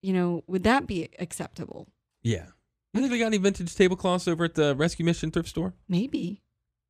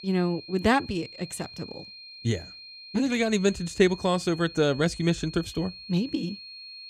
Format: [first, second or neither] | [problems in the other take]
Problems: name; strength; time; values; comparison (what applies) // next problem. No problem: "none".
first | high-pitched whine; noticeable; throughout; 4.5 kHz, 15 dB below the speech